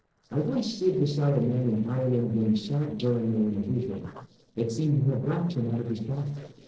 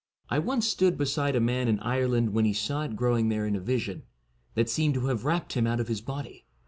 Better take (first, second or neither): second